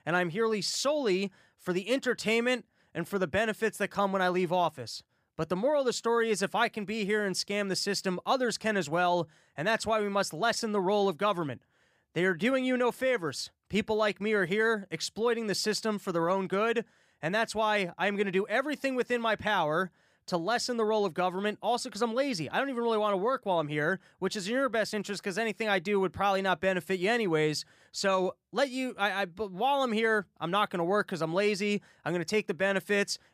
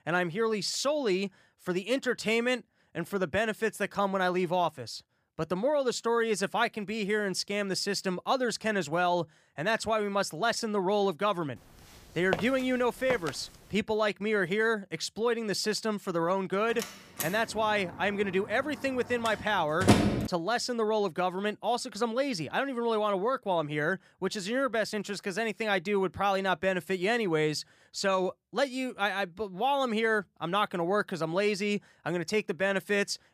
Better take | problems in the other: first | footsteps; noticeable; at 12 s; peak 6 dB below the speech // door banging; loud; from 17 to 20 s; peak 6 dB above the speech

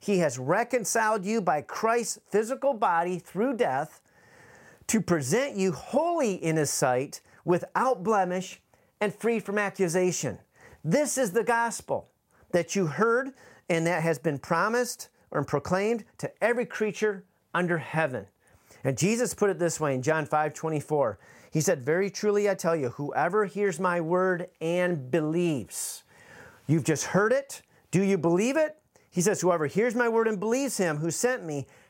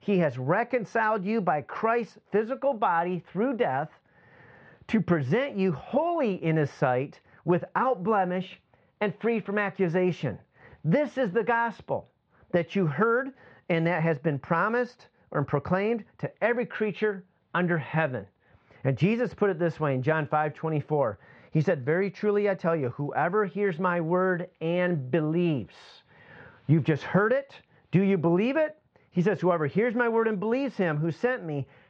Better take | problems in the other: first | muffled; very; fading above 4 kHz

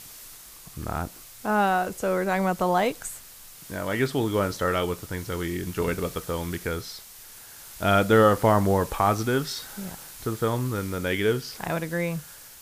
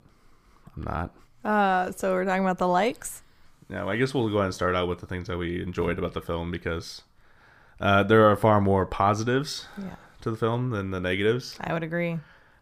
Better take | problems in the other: second | hiss; noticeable; throughout; 15 dB below the speech

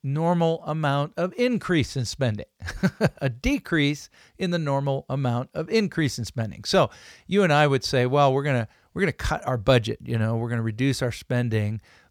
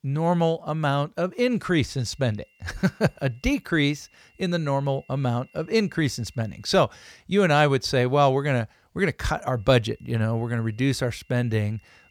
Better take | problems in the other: first | high-pitched whine; faint; from 2 to 7 s and from 9.5 s on; 2.5 kHz, 35 dB below the speech

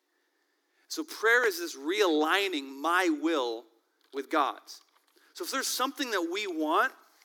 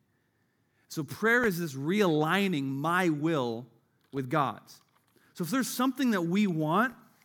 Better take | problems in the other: second | thin; somewhat; fading below 300 Hz

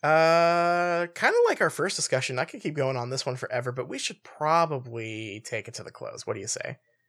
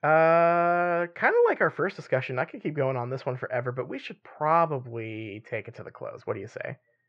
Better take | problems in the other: first | muffled; very; fading above 2.5 kHz

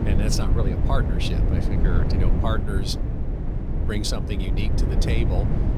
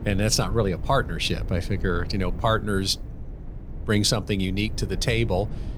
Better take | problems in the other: second | wind noise on the microphone; heavy; 3 dB below the speech; occasional gusts in the second

